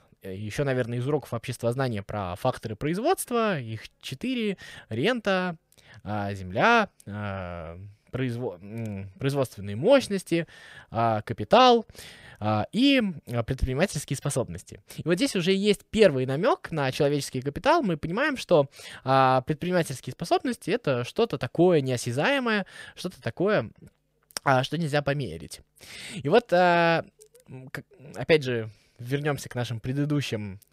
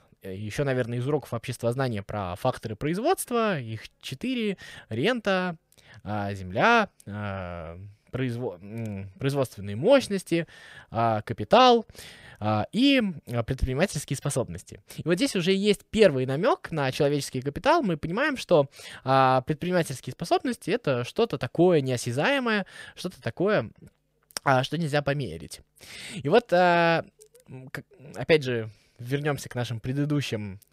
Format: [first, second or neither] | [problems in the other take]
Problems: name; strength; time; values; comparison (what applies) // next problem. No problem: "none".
neither | none